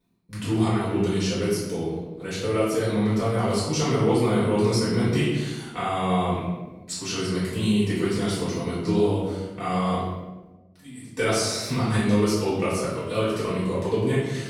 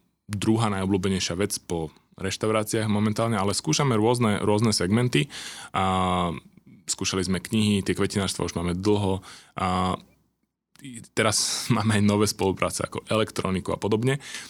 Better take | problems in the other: second | room echo; strong; dies away in 1.1 s // off-mic speech; far

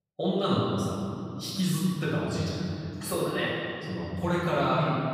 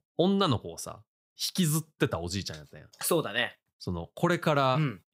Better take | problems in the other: second | off-mic speech; far // room echo; strong; dies away in 3 s

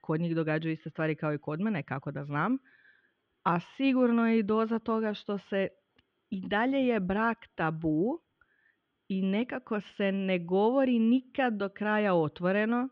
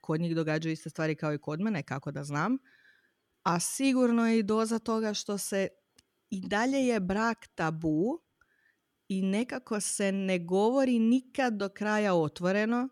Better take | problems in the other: second | muffled; very; fading above 3.5 kHz

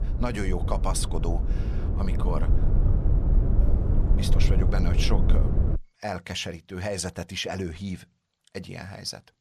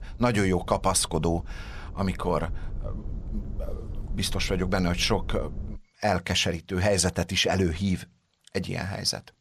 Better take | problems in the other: second | low rumble; loud; until 6 s; 5 dB below the speech; faint in the second

